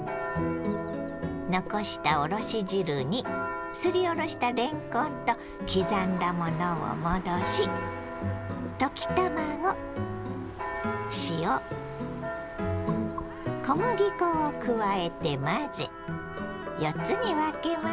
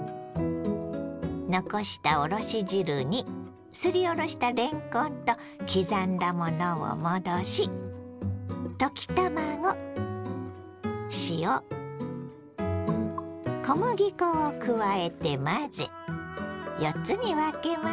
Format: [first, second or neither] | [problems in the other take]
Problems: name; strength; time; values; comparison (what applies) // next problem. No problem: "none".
second | background sound (Church bell); 8 dB below the speech